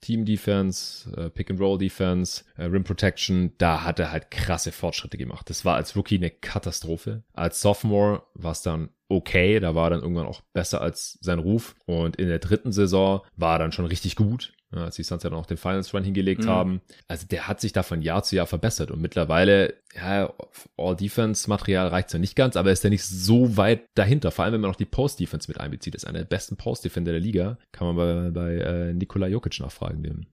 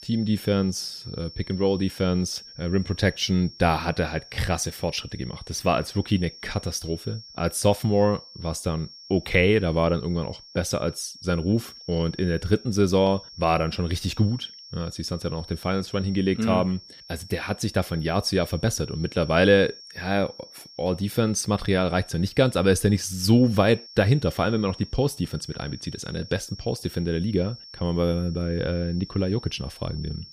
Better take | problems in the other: first | high-pitched whine; noticeable; throughout; 5.5 kHz, 20 dB below the speech

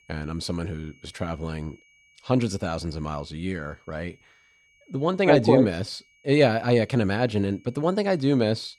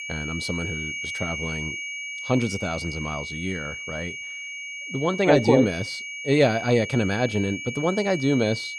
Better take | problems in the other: first | high-pitched whine; loud; throughout; 2.5 kHz, 7 dB below the speech; faint in the first

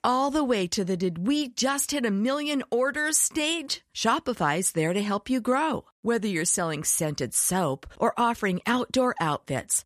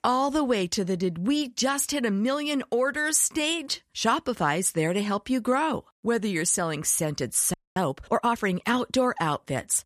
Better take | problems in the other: first | audio freezing; at 7.5 s

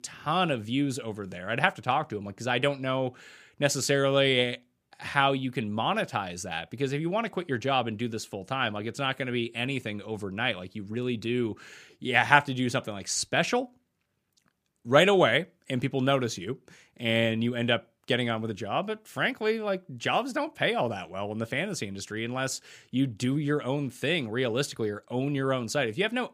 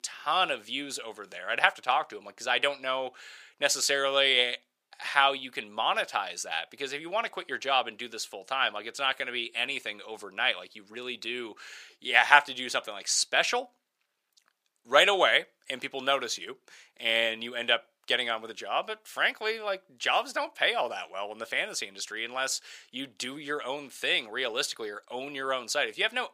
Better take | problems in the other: first | thin; very; fading below 650 Hz

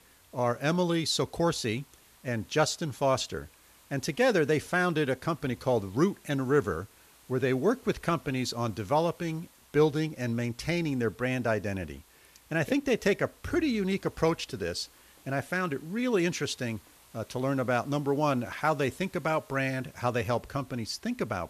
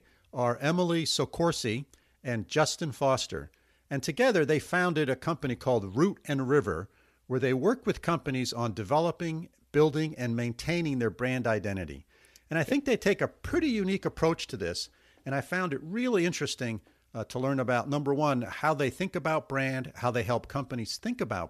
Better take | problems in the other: second | hiss; faint; throughout; 25 dB below the speech

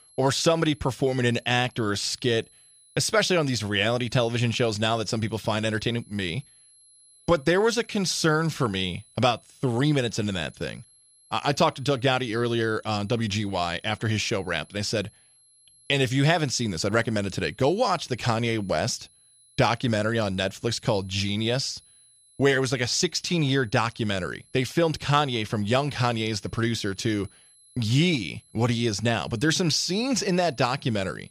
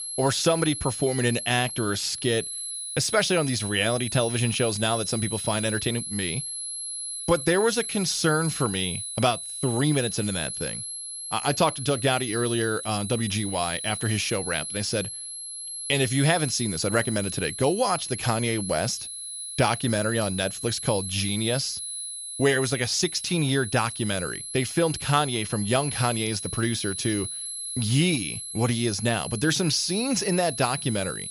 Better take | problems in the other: first | high-pitched whine; loud; throughout; 11 kHz, 6 dB below the speech; faint in the first

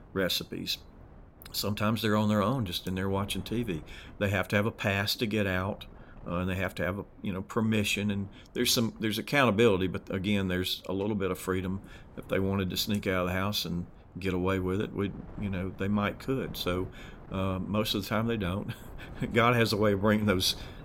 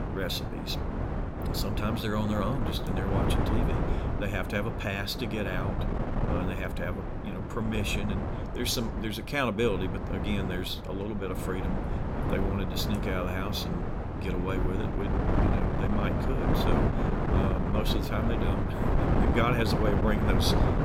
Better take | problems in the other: first | wind noise on the microphone; heavy; 1 dB below the speech; occasional gusts in the first

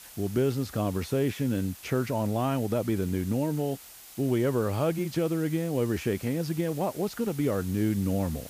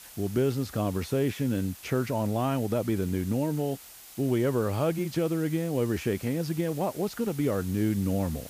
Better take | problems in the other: neither | hiss; noticeable; throughout; 15 dB below the speech; the same in both

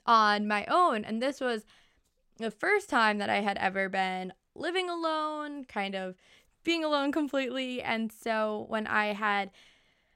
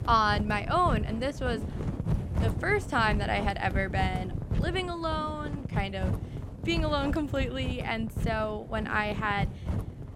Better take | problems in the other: first | wind noise on the microphone; occasional gusts; 15 dB below the speech

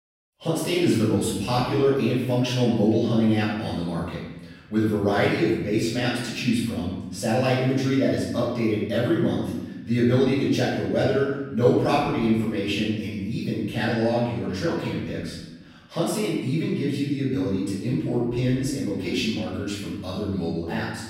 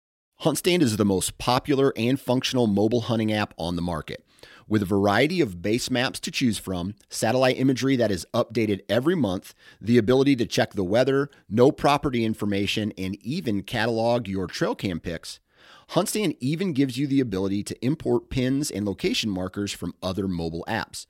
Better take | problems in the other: second | off-mic speech; far // room echo; noticeable; dies away in 1 s

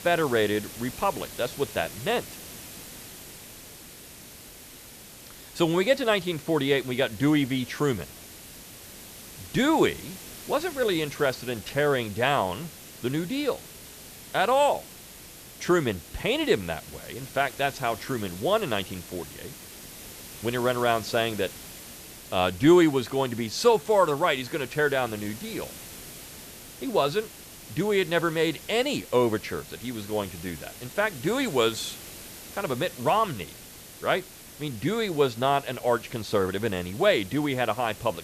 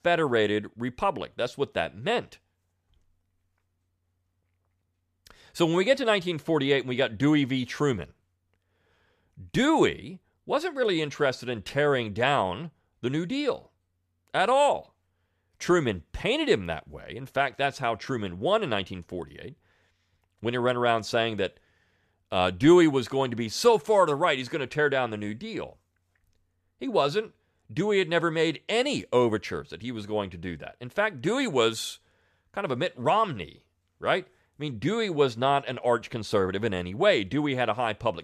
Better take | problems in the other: second | hiss; noticeable; throughout; 15 dB below the speech

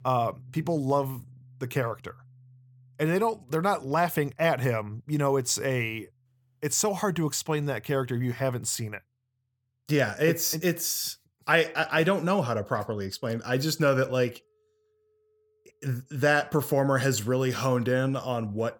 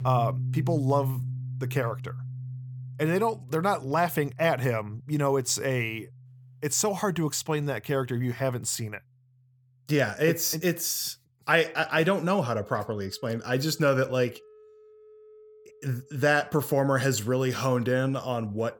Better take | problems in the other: first | background music; loud; throughout; 9 dB below the speech; faint in the first

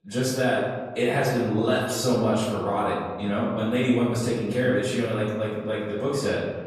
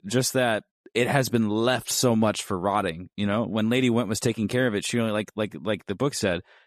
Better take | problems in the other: second | room echo; noticeable; dies away in 1.3 s // off-mic speech; far

